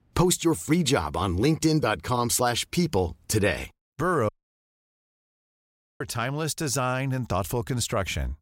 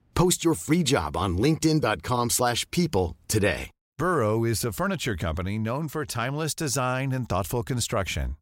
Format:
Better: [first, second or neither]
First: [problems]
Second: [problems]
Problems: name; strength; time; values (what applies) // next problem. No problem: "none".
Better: second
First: audio cutting out; at 4.5 s for 1.5 s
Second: none